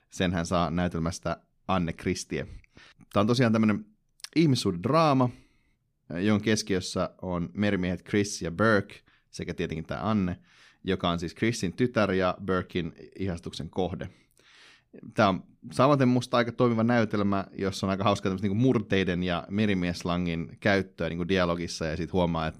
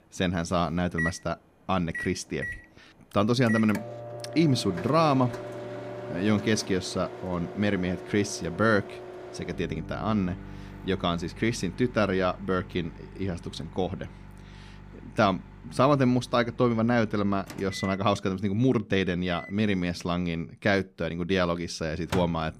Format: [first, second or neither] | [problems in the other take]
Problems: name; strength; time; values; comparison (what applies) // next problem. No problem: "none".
first | household noises; noticeable; throughout; 15 dB below the speech